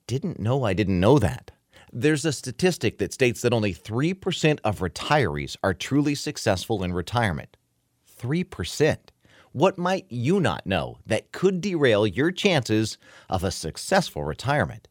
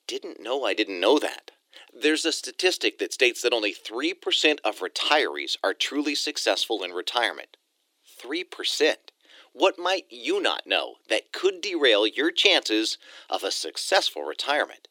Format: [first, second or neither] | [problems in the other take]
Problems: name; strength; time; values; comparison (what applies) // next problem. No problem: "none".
first | thin; somewhat; fading below 300 Hz